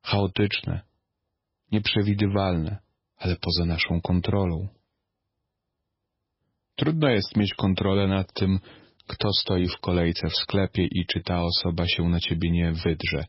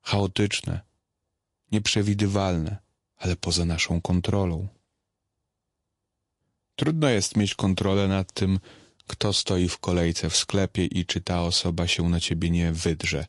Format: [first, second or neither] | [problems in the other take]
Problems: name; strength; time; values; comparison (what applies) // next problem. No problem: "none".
second | garbled, watery; badly; nothing above 5.5 kHz; slightly in the second